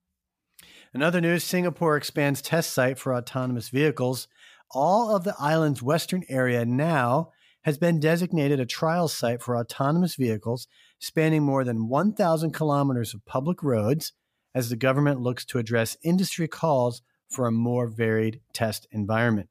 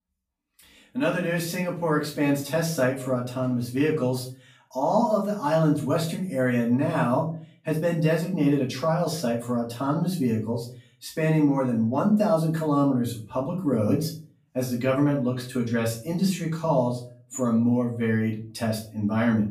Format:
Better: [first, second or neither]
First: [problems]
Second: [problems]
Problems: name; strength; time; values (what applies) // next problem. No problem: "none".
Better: first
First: none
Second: off-mic speech; far // room echo; slight; dies away in 0.4 s